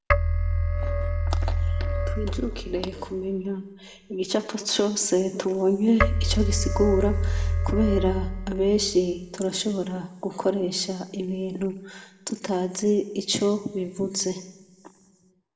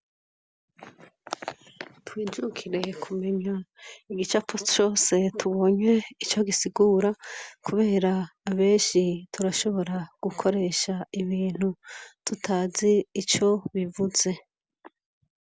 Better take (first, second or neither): second